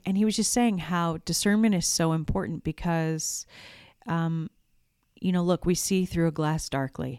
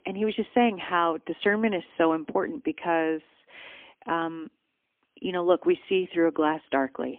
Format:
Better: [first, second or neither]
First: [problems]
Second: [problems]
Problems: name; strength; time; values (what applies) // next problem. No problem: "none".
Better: first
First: none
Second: phone-call audio; poor line; nothing above 3.5 kHz